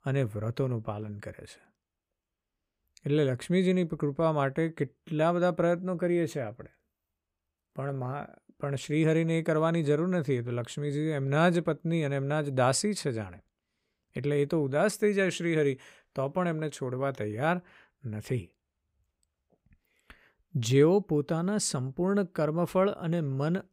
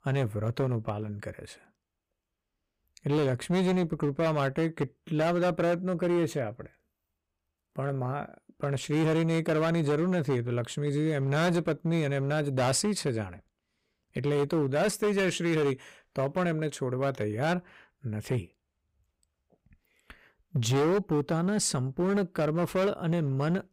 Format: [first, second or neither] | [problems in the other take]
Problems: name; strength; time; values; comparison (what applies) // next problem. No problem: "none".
first | distortion; slight; 10% of the sound clipped